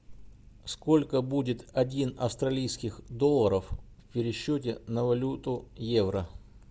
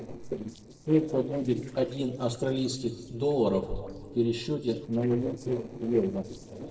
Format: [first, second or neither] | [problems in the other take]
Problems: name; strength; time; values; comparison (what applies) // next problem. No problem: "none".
first | noise reduction (neural separator model SepFormer DNS4)